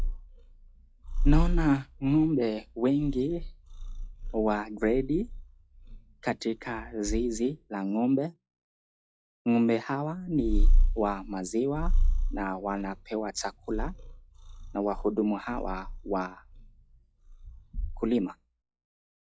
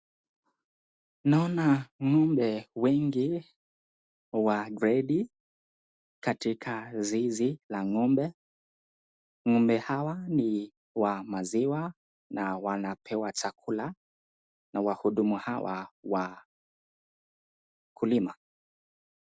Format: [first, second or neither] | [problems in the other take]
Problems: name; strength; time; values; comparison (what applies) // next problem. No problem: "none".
second | noise reduction (classical method log-MMSE)